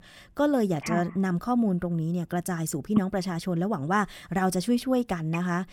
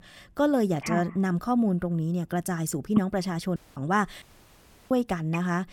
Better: first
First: none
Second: audio cutting out; at 3.5 s and at 4 s for 0.5 s

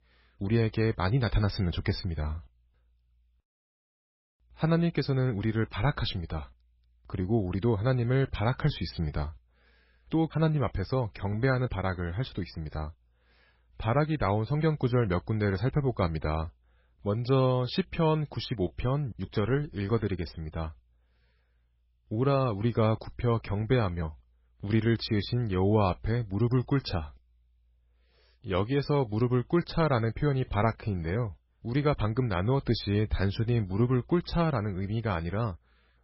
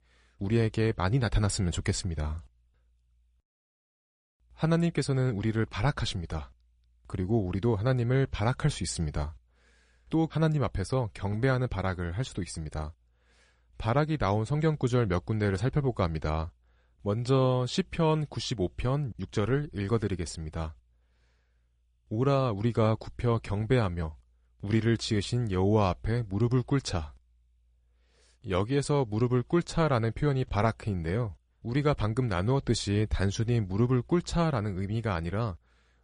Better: second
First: garbled, watery; badly; nothing above 5.5 kHz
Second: garbled, watery; slightly; nothing above 10 kHz

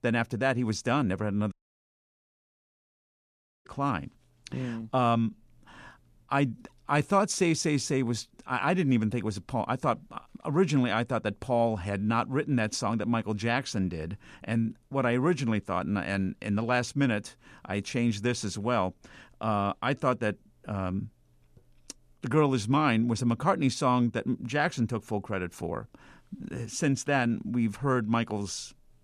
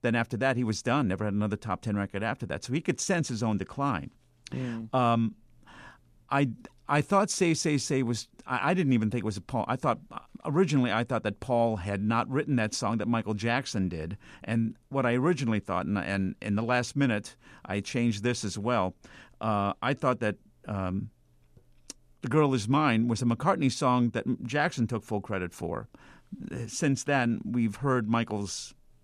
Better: second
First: audio cutting out; at 1.5 s for 2 s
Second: none

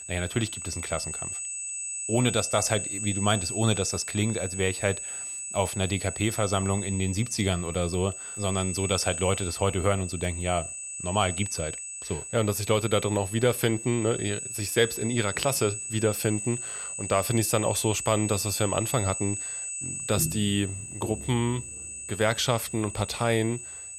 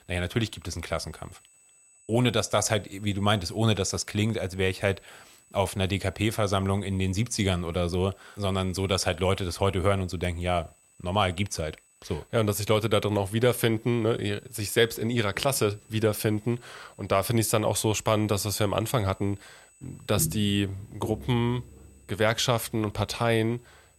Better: second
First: high-pitched whine; loud; throughout; 8 kHz, 6 dB below the speech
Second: high-pitched whine; faint; throughout; 8 kHz, 30 dB below the speech

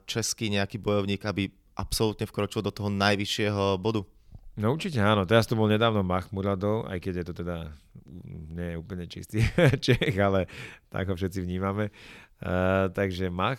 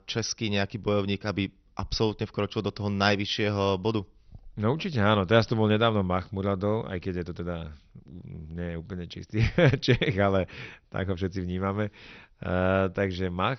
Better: first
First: none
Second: garbled, watery; slightly; nothing above 6 kHz

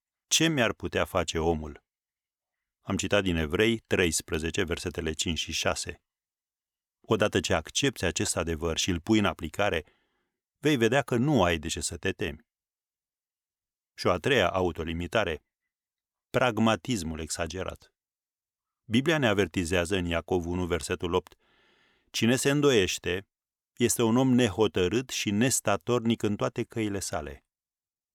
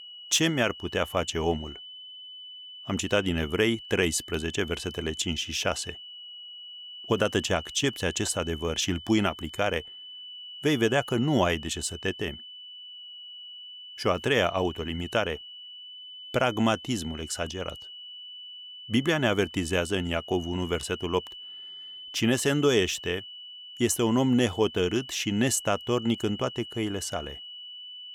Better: first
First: none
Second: high-pitched whine; noticeable; throughout; 3 kHz, 15 dB below the speech

